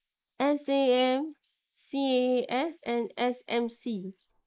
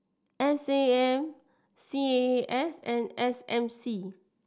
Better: second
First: noise reduction (neural mask model Resemble Enhance denoiser)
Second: none

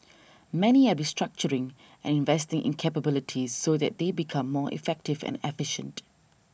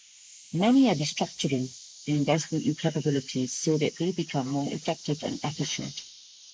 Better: first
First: none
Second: noise reduction (neural mask model Resemble Enhance denoiser)

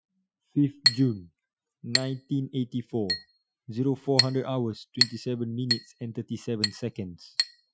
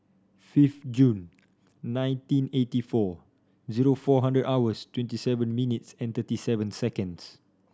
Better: second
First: noise reduction (classical method Wiener filter)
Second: none

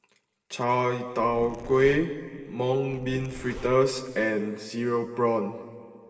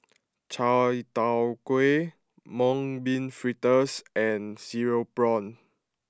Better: second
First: background sound (Zipper (clothing)); 16 dB below the speech // room echo; dies away in 2 s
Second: none

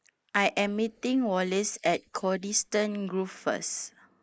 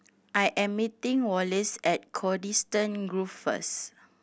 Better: second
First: noise reduction (neural mask model Resemble Enhance denoiser)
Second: none

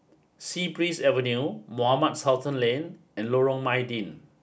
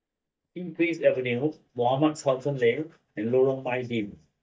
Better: first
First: none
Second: noise reduction (neural mask model DeepFilterNet 3)

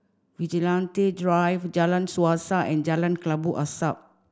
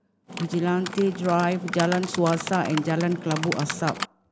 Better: first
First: none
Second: background sound (Typing); 9 dB below the speech

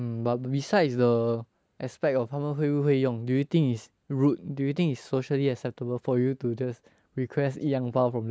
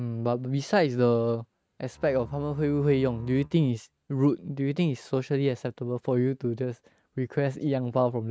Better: first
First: none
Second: noise reduction (neural mask model RNNoise)

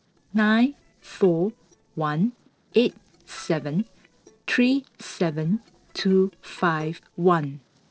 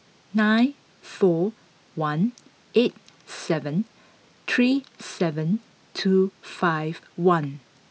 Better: second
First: noise reduction (neural separator model SepFormer DNS4)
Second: none

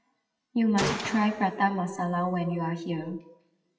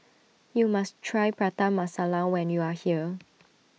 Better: second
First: noise reduction (classical method WPE with log-MMSE)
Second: none

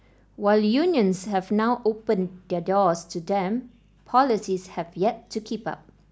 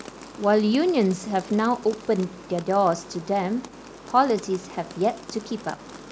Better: first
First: none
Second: background sound (Rain); 17 dB below the speech

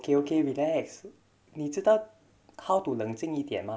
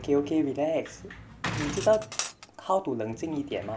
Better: first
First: none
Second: background sound (Cutlery, silverware + Sliding door / Slam); 10 dB below the speech

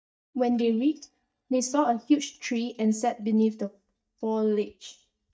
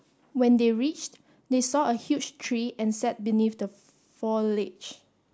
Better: second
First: noise reduction (neural mask model DeepFilterNet 3)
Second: none

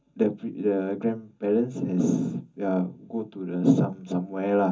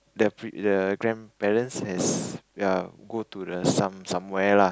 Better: second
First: room echo; dies away in 0.3 s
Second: none

